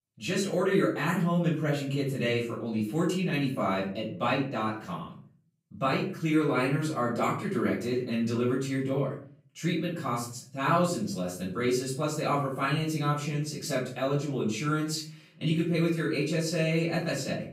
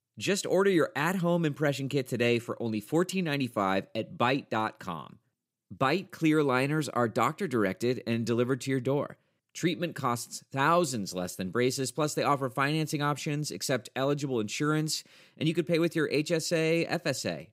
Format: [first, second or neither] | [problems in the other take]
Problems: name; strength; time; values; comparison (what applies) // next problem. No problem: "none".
second | off-mic speech; far // room echo; noticeable; dies away in 0.4 s